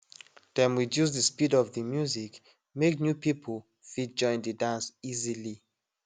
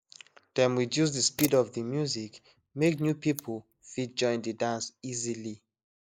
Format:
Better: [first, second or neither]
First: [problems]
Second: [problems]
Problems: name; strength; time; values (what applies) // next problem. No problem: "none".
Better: first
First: none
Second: noise reduction (neural mask model Resemble Enhance denoiser)